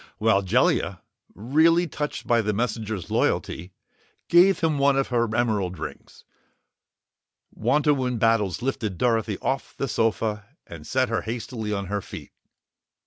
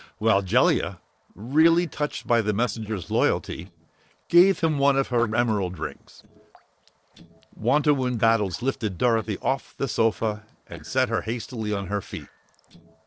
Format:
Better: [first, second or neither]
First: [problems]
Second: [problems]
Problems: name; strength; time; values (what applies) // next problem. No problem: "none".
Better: first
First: none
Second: noise reduction (neural separator model SepFormer DNS4)